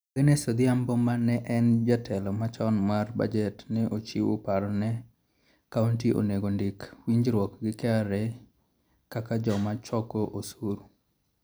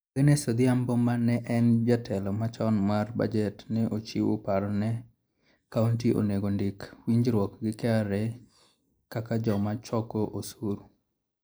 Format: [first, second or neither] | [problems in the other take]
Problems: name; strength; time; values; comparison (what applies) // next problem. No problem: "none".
first | noise reduction (neural mask model Resemble Enhance denoiser)